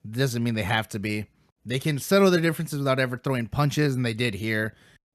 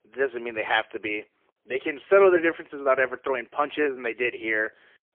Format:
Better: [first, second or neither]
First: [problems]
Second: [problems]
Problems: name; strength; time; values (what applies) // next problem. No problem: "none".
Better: first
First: none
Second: phone-call audio; poor line; nothing above 3.5 kHz